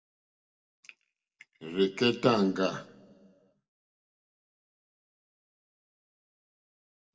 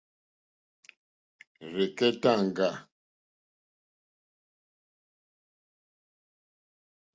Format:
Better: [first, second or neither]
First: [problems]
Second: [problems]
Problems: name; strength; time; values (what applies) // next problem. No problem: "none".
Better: second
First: room echo; dies away in 0.8 s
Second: none